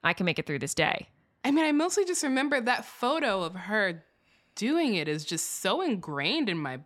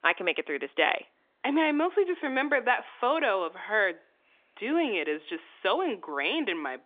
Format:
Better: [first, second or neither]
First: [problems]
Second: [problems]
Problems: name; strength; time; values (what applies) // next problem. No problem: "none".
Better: first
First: none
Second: phone-call audio